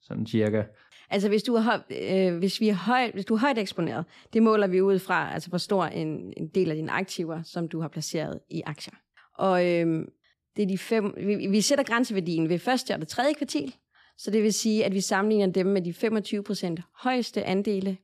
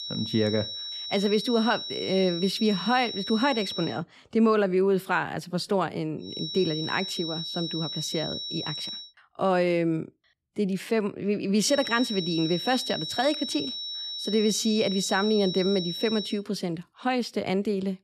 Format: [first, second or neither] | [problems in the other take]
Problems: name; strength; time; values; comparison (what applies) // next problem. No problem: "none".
first | high-pitched whine; loud; until 4 s, from 6.5 to 9 s and from 12 to 16 s; 4 kHz, 6 dB below the speech